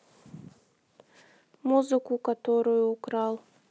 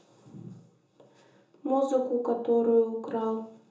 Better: first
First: none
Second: room echo; dies away in 0.6 s

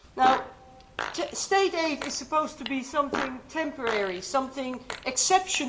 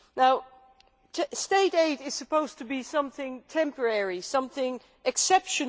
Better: second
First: background sound (Fart); 10 dB below the speech // room echo; dies away in 0.8 s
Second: none

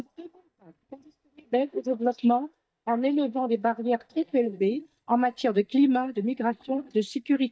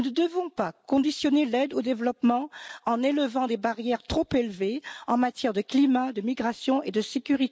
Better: second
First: noise reduction (neural mask model DeepFilterNet 3)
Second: none

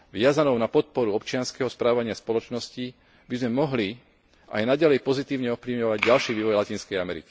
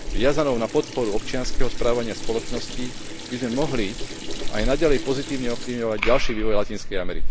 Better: first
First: none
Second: background sound (Sink (filling or washing) / Water tap, faucet); 2 dB above the speech

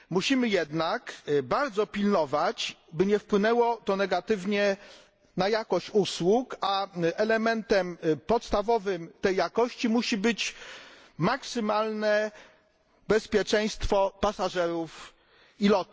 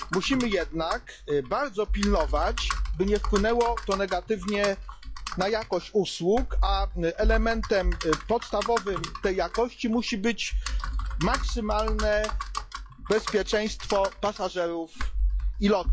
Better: first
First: none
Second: noise reduction (classical method log-MMSE)

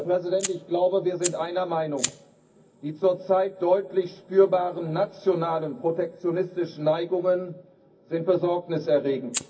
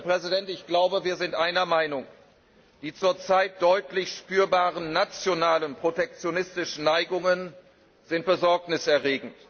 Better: second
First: background sound (Fire); 15 dB below the speech // room echo; dies away in 0.4 s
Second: none

